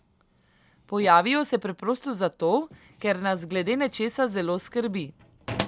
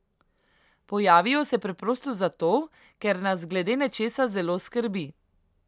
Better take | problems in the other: second | background sound (Drawer open or close); 16 dB below the speech

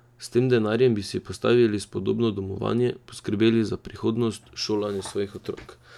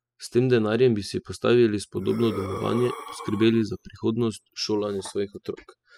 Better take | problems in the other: first | noise reduction (classical method spectral subtraction)

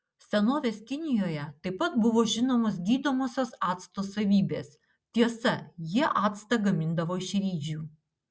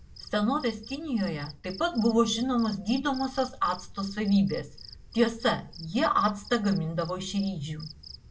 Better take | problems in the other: first | background sound (Cricket); 17 dB below the speech // room echo; dies away in 0.2 s

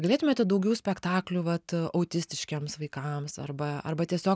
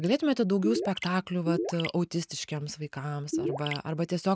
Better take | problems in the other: first | noise reduction (neural mask model RNNoise)

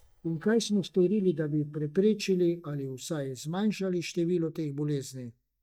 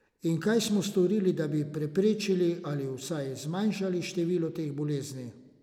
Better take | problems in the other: second | noise reduction (neural mask model DeepFilterNet 3)

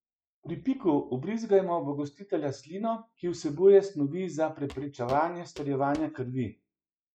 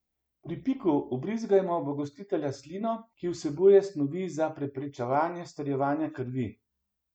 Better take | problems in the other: second | noise reduction (classical method log-MMSE)

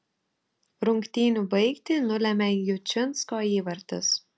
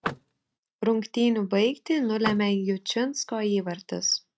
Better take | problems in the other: first | noise reduction (neural mask model RNNoise)

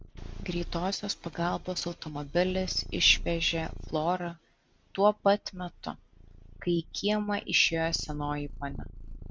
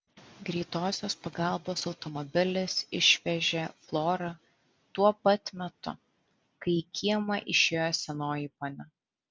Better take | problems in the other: second | background sound (Purr); 11 dB below the speech

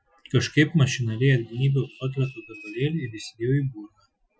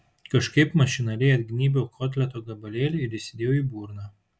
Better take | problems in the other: second | noise reduction (classical method Wiener filter)

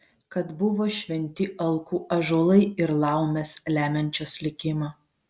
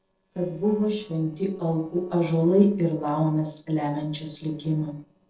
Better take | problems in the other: first | noise reduction (neural separator model SepFormer DNS4)

